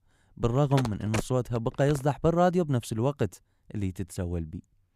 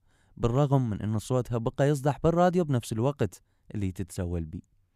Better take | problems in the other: second | phone ringing; noticeable; from 0.5 to 2 s; peak 7 dB below the speech

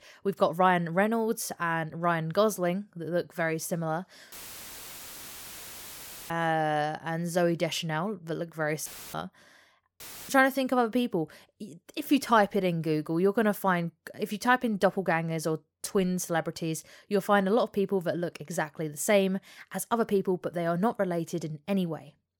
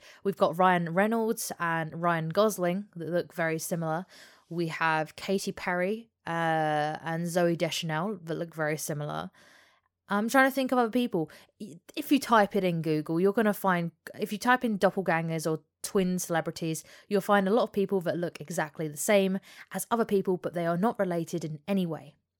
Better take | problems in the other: second | audio cutting out; filled with static; at 4.5 s for 2 s, at 9 s and at 10 s

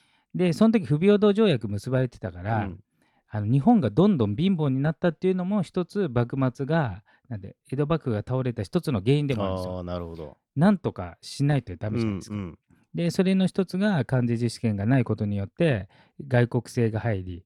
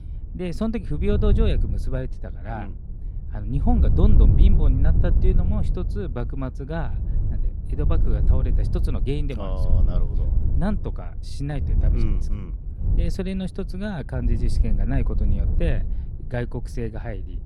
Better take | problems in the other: first | wind noise on the microphone; heavy; 7 dB below the speech

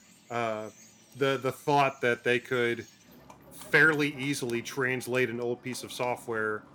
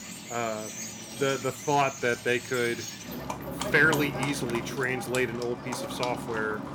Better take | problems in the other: first | animal sounds; loud; throughout; 7 dB below the speech; faint in the first

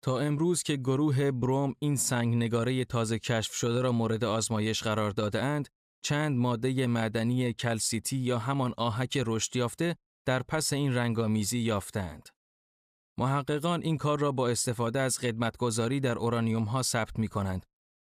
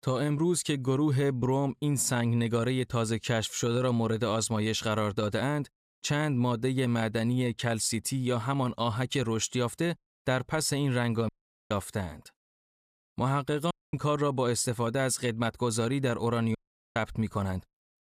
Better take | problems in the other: first | audio cutting out; at 11 s, at 14 s and at 17 s

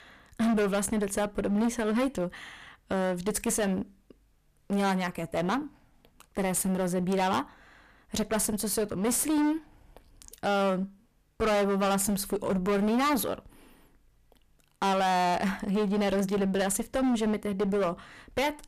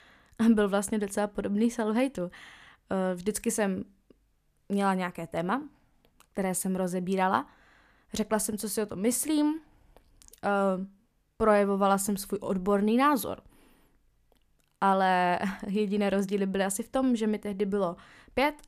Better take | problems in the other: second | distortion; heavy; 16% of the sound clipped

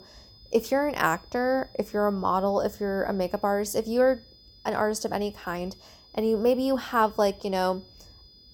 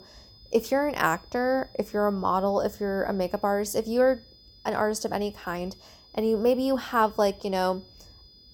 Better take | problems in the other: neither | high-pitched whine; faint; throughout; 5 kHz, 25 dB below the speech; the same in both

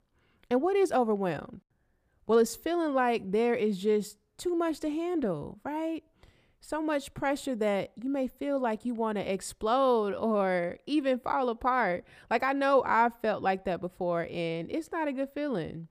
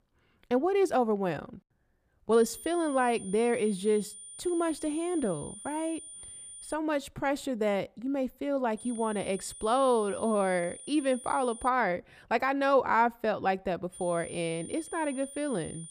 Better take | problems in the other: first | high-pitched whine; noticeable; from 2.5 to 6.5 s, from 9 to 12 s and from 14 s on; 9 kHz, 15 dB below the speech

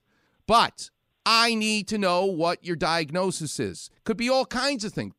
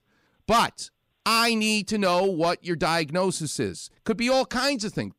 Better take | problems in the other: first | distortion; slight; 3% of the sound clipped

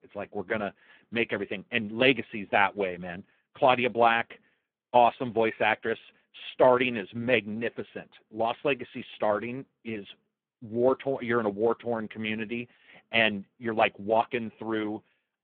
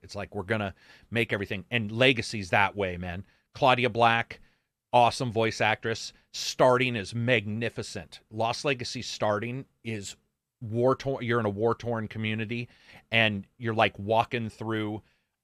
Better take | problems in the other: second | phone-call audio; poor line

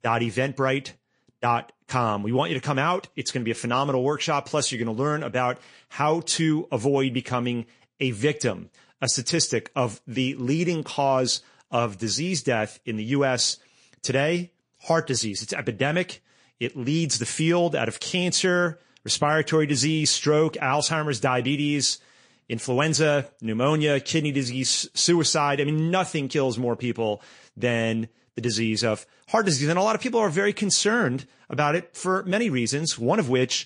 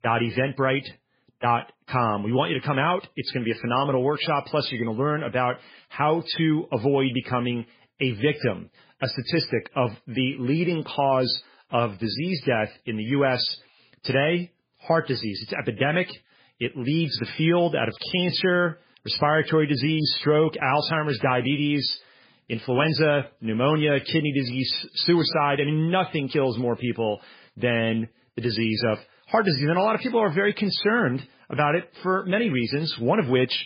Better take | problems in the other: first | garbled, watery; badly; nothing above 5 kHz; slightly in the first

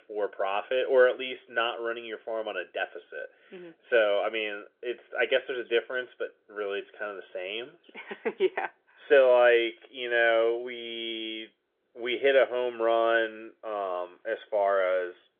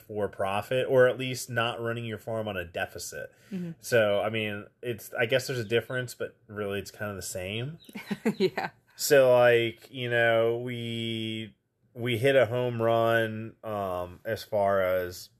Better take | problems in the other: second | phone-call audio; nothing above 3.5 kHz

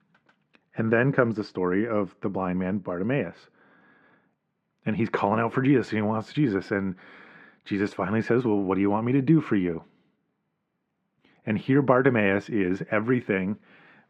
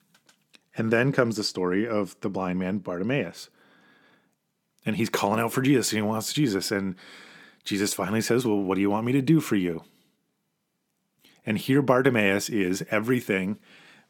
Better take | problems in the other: second | muffled; very; fading above 1.5 kHz

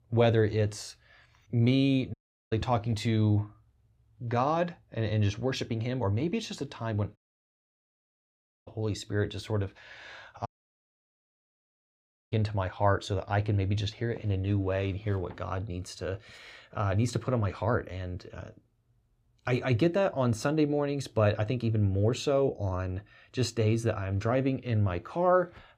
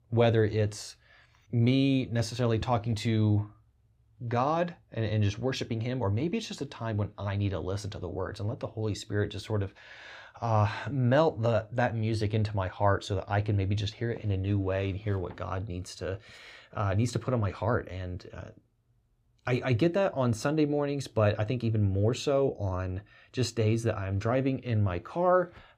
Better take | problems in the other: second | audio cutting out; at 2 s, at 7 s for 1.5 s and at 10 s for 2 s

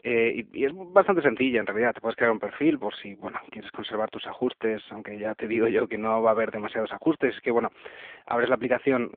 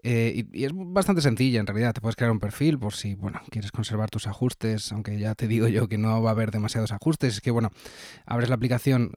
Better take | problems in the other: second | phone-call audio

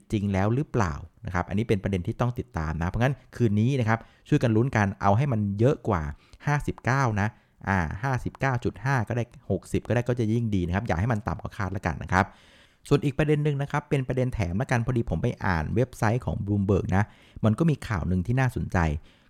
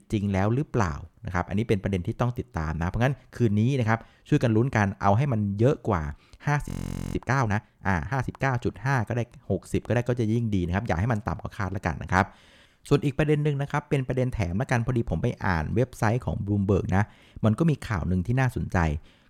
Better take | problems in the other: first | audio freezing; at 6.5 s

